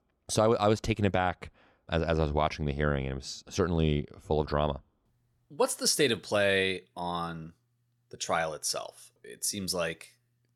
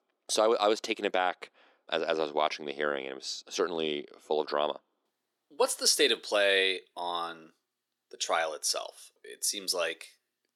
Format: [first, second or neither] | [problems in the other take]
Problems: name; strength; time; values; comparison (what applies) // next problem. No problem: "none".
first | thin; somewhat; fading below 300 Hz